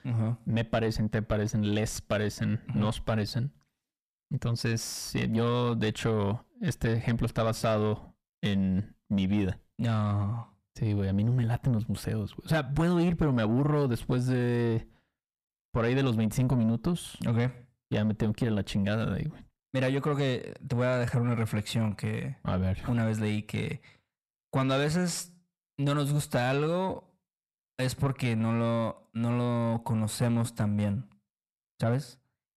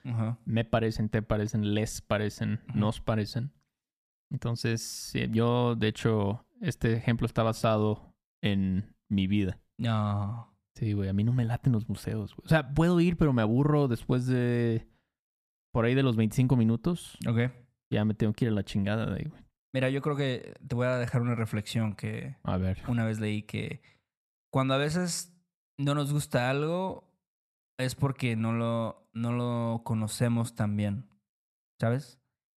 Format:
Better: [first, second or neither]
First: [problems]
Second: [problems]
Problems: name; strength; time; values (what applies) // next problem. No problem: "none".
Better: second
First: distortion; slight; 9 dB below the speech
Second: none